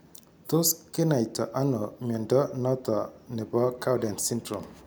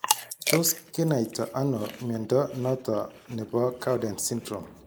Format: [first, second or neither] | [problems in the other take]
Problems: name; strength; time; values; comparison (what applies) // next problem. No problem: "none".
first | noise reduction (neural mask model Resemble Enhance denoiser)